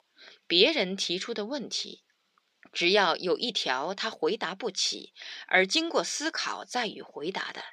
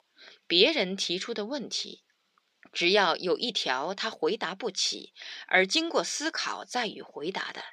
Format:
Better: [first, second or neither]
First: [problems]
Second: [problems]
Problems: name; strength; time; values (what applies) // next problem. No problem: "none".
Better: neither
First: thin; very slightly; fading below 300 Hz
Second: thin; very slightly; fading below 300 Hz